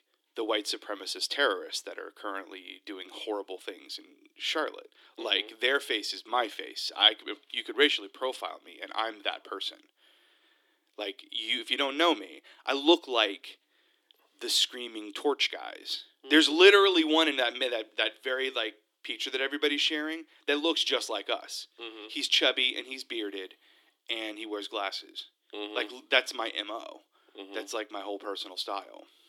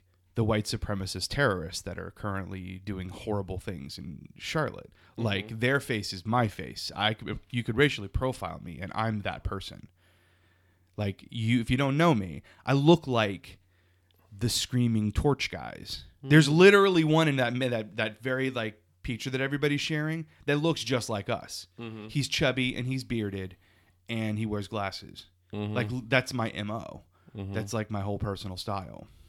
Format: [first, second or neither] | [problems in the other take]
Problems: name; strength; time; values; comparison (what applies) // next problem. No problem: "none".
second | thin; somewhat; fading below 300 Hz